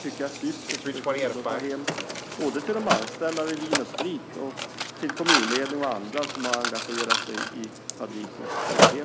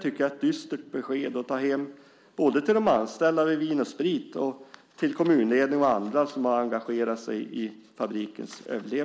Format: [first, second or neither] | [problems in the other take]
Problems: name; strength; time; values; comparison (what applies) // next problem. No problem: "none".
second | background sound (Mechanisms); 3 dB above the speech